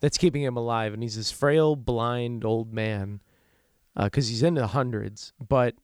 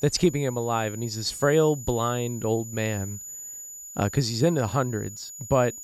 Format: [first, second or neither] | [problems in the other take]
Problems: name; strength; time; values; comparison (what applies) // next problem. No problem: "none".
first | high-pitched whine; noticeable; throughout; 7 kHz, 10 dB below the speech